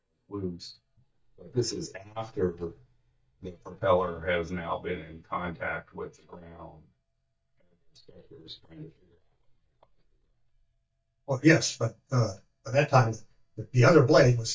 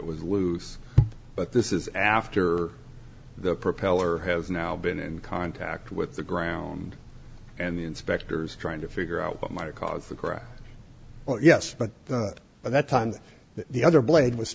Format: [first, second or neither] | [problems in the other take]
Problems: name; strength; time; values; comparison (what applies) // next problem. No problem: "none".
second | noise reduction (neural mask model DeepFilterNet 3)